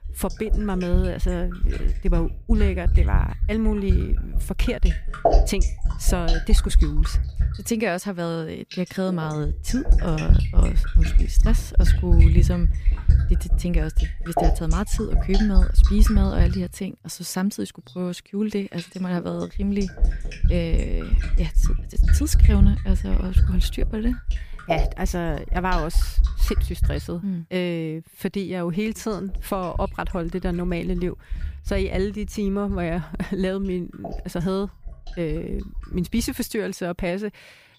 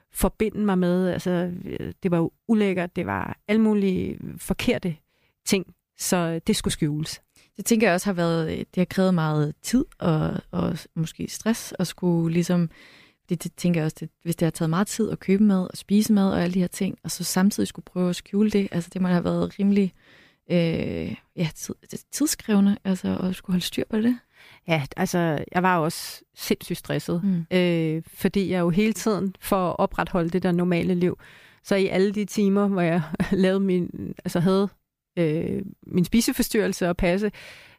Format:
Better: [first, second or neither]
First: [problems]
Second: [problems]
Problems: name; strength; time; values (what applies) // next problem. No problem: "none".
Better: second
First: household noises; very loud; throughout; 4 dB above the speech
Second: none